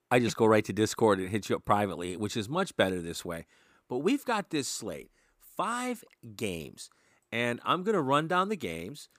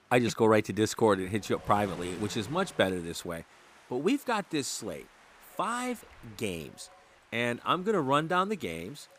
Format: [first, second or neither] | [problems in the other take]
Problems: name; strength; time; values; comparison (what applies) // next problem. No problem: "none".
first | wind noise on the microphone; occasional gusts; 20 dB below the speech